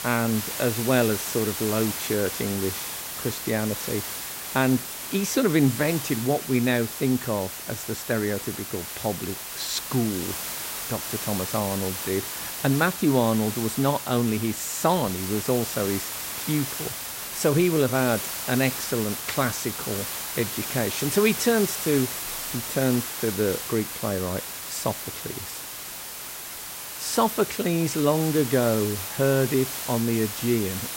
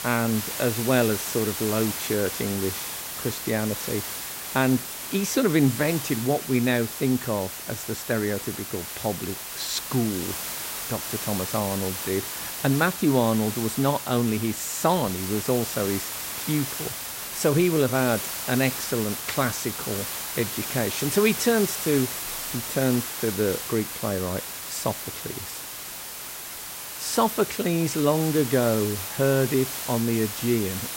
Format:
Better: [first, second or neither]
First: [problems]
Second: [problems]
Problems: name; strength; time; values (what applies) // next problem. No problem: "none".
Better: neither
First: hiss; loud; throughout; 5 dB below the speech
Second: hiss; loud; throughout; 5 dB below the speech